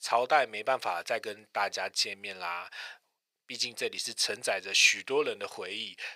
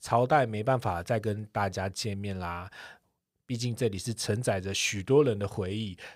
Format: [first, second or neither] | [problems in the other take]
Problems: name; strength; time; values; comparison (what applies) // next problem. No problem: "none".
second | thin; very; fading below 600 Hz